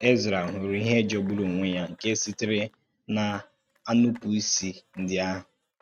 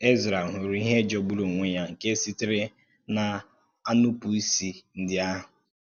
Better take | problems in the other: second | noise reduction (neural mask model RNNoise)

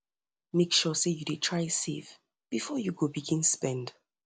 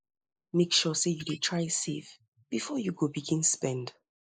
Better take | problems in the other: first | noise reduction (neural mask model Resemble Enhance denoiser)

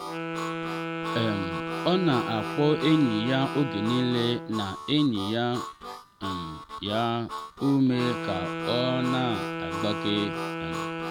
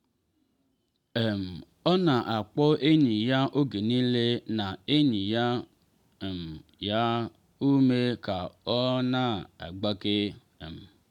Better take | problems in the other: second | background sound (Harmonica + Wind instrument, woodwind instrument); 5 dB below the speech

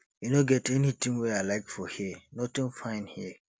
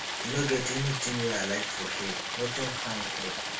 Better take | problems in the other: first | background sound (Stream); 1 dB below the speech // room echo; dies away in 0.2 s

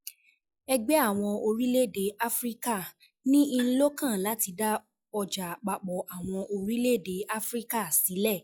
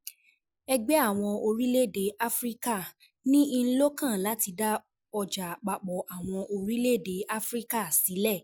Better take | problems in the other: second | noise reduction (classical method log-MMSE)

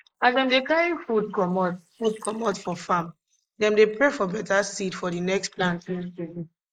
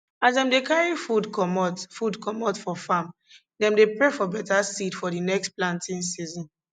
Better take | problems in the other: second | noise reduction (neural mask model Resemble Enhance denoiser)

